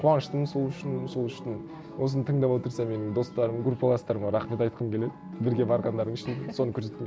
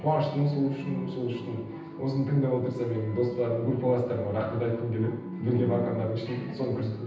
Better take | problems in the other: first | room echo; dies away in 0.9 s

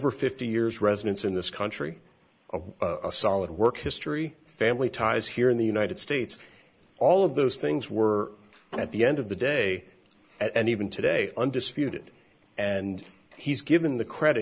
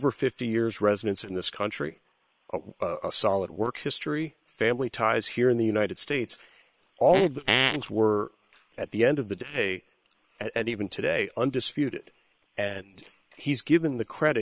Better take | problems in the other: first | noise reduction (neural separator model SepFormer WHAM!)

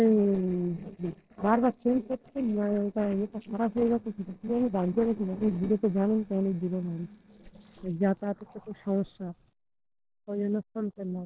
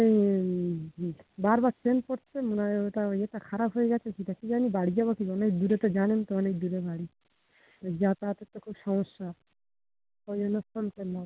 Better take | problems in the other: second | noise reduction (neural separator model SepFormer DNS4)

